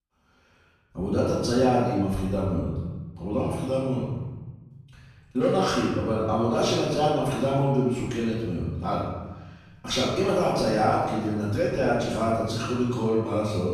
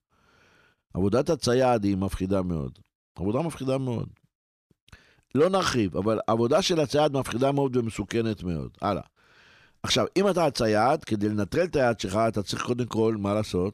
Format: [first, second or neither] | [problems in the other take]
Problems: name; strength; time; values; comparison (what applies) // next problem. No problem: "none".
second | room echo; strong; dies away in 1.2 s // off-mic speech; far